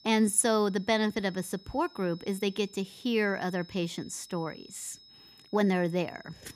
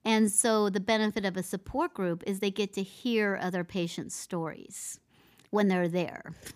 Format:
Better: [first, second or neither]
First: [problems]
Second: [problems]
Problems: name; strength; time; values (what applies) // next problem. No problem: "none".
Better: second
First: high-pitched whine; faint; throughout; 5 kHz, 25 dB below the speech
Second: none